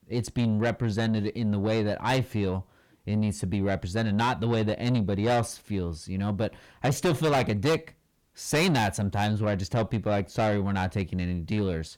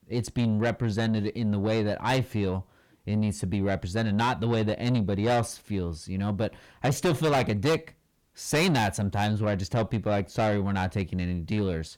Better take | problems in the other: neither | distortion; heavy; 6 dB below the speech; the same in both

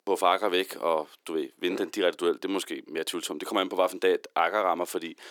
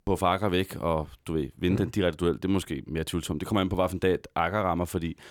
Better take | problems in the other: second | thin; somewhat; fading below 350 Hz

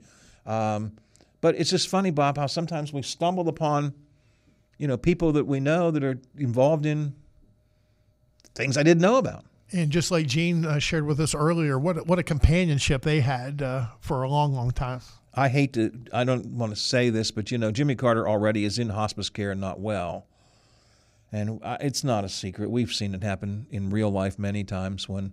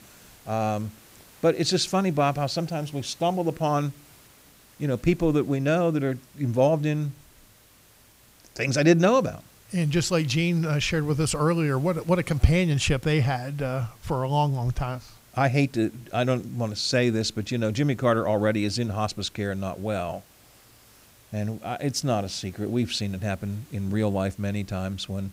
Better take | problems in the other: first | hiss; faint; throughout; 25 dB below the speech

